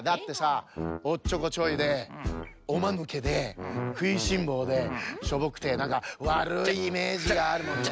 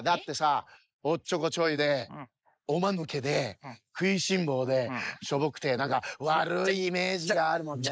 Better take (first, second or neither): first